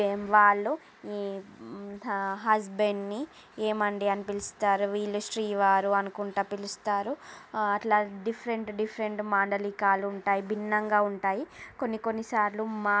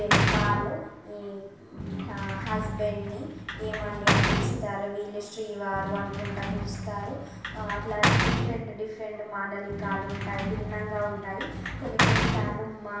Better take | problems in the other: first | background sound (Sliding door / Slam); 4 dB above the speech // room echo; dies away in 0.9 s

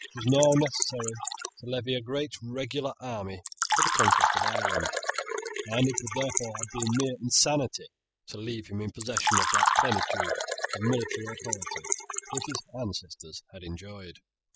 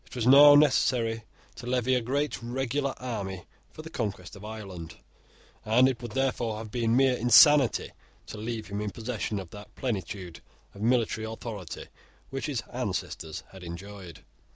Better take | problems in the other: second | noise reduction (classical method spectral subtraction)

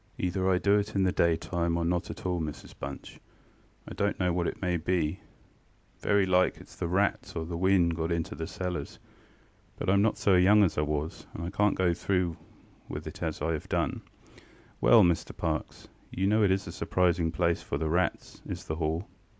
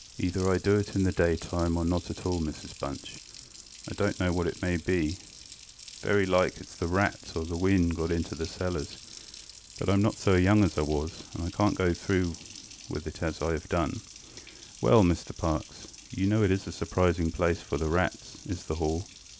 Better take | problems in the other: first | background sound (Water tap, faucet); 18 dB below the speech

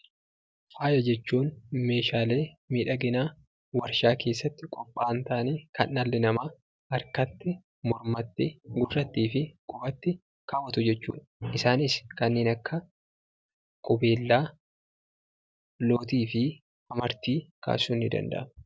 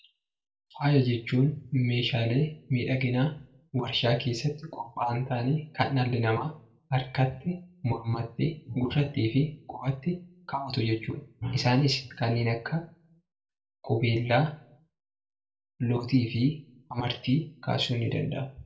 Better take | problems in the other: first | room echo; dies away in 0.3 s

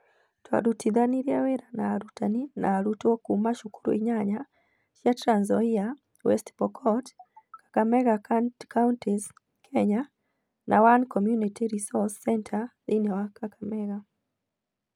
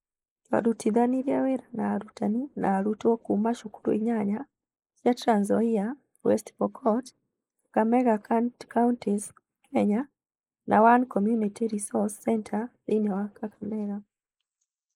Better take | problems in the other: first | noise reduction (neural mask model Resemble Enhance denoiser)

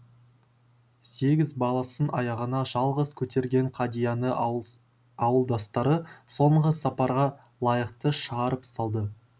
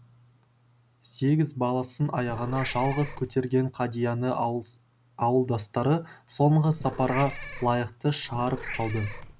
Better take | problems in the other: first | background sound (Meow / Purr); 10 dB below the speech

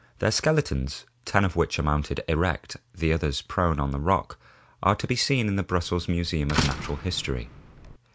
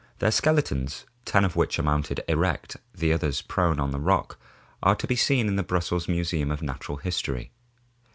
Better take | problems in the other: second | background sound (Slam); 7 dB below the speech

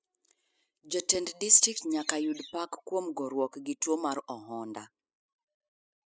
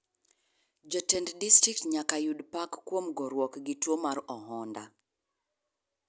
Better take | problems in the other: second | noise reduction (classical method spectral subtraction)

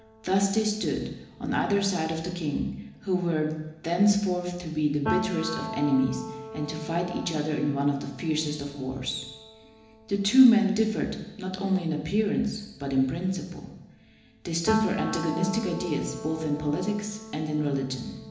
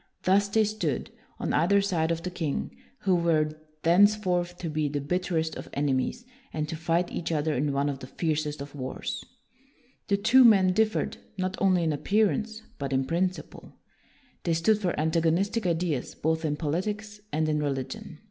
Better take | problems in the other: second | background sound (Piano); 12 dB below the speech // room echo; dies away in 1 s

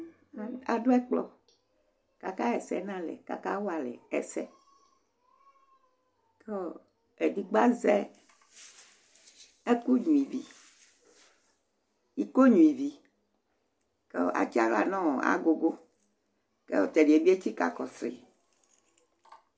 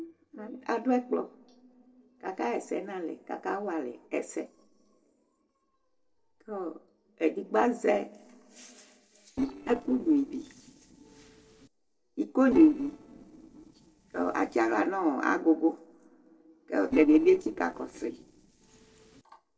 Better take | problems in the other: first | noise reduction (neural separator model SepFormer DNS4)

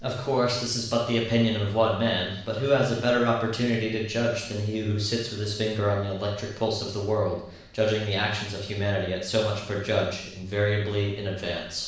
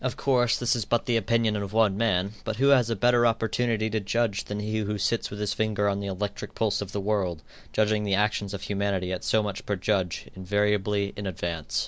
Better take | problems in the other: second | room echo; dies away in 0.7 s

